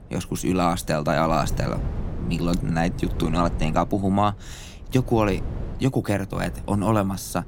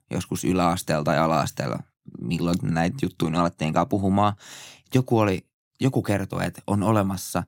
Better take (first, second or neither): second